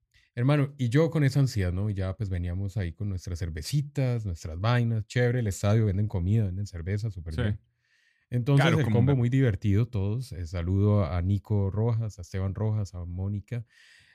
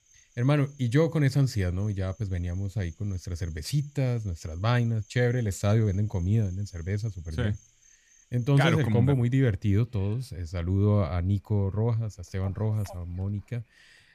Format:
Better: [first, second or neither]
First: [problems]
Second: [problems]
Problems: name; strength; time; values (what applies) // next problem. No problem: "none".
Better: first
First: none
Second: animal sounds; faint; throughout; 30 dB below the speech